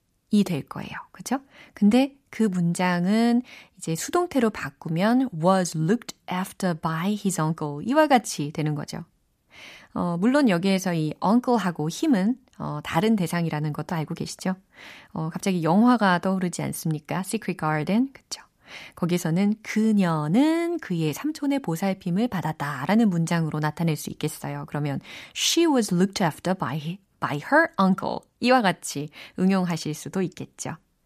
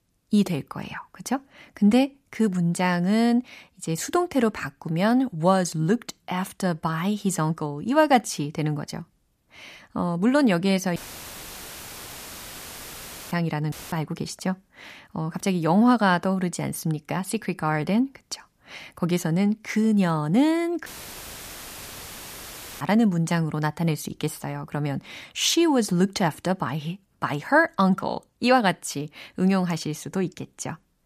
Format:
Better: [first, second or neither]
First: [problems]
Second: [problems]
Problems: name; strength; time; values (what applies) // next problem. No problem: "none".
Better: first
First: none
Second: audio cutting out; filled with static; at 11 s for 2.5 s, at 14 s and at 21 s for 2 s